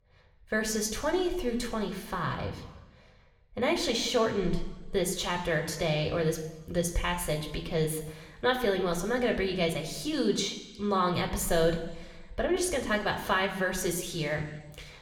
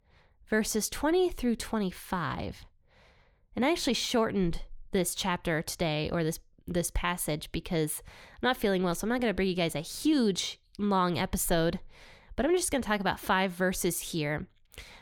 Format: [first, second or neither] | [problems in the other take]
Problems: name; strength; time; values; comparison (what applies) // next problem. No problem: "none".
second | room echo; slight; dies away in 1 s